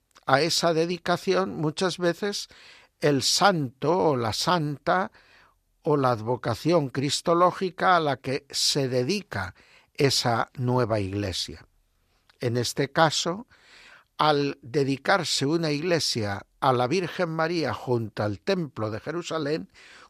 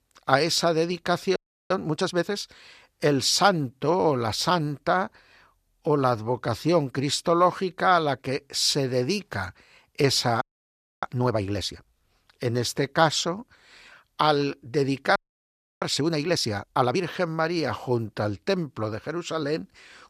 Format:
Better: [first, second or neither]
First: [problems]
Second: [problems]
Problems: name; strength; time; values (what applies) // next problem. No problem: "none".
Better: first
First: none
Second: audio freezing; at 1.5 s, at 10 s for 0.5 s and at 15 s for 0.5 s